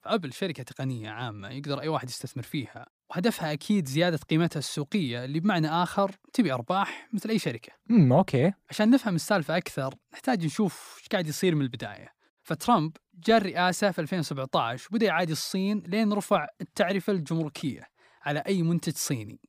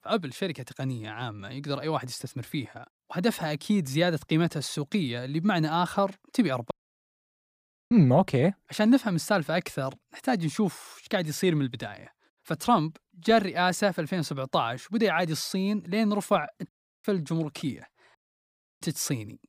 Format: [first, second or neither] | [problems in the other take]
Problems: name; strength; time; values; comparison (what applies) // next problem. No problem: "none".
first | audio cutting out; at 6.5 s for 1 s, at 17 s and at 18 s for 0.5 s